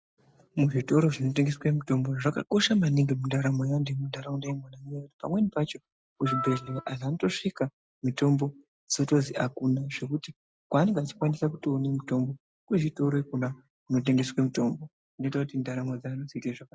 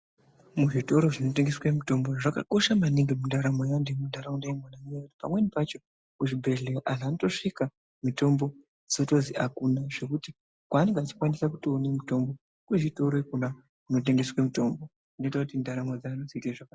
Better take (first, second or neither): second